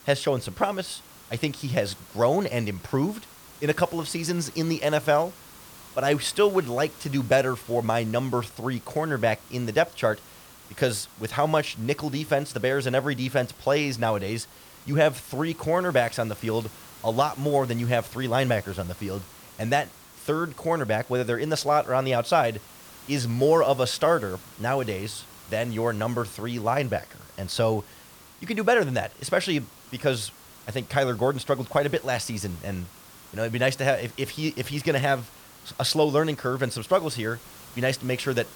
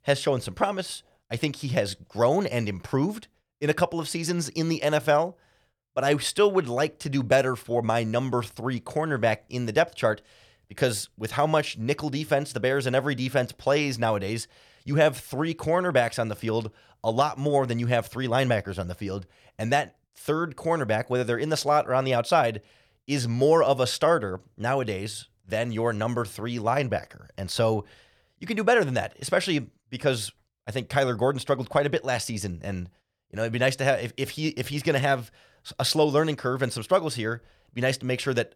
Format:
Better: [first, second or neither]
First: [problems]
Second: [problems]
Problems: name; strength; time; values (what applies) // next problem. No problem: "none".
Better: second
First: hiss; noticeable; throughout; 20 dB below the speech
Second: none